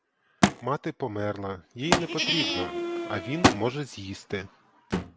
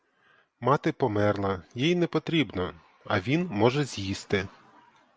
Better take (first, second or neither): second